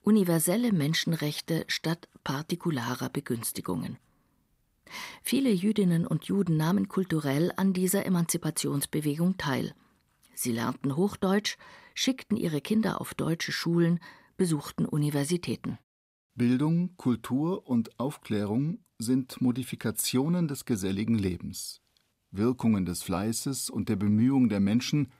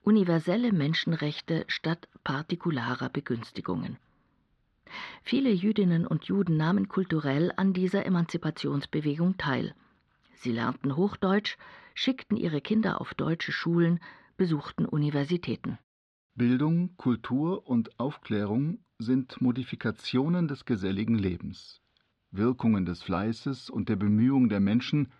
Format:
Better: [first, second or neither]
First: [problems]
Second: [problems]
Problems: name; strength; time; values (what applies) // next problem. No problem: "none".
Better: first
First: none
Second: muffled; slightly; fading above 4 kHz